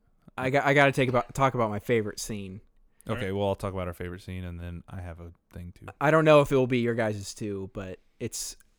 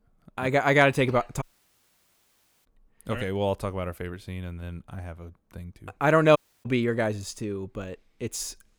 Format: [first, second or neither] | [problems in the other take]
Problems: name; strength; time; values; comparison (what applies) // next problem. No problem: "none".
first | audio cutting out; at 1.5 s for 1 s and at 6.5 s